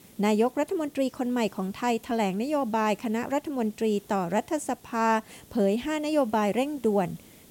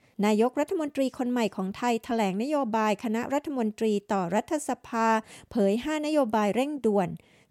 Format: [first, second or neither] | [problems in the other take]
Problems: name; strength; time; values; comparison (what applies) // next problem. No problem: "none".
second | hiss; faint; throughout; 25 dB below the speech